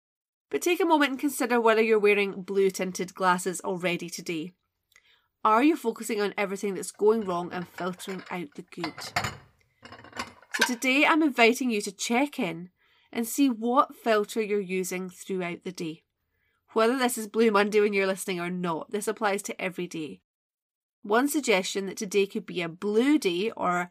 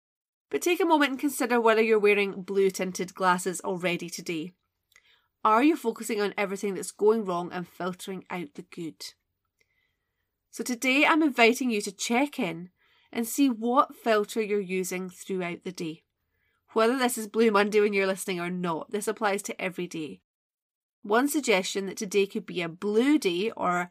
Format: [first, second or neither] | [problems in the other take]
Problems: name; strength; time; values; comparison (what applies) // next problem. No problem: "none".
second | clattering dishes; noticeable; from 8 to 11 s; peak 1 dB below the speech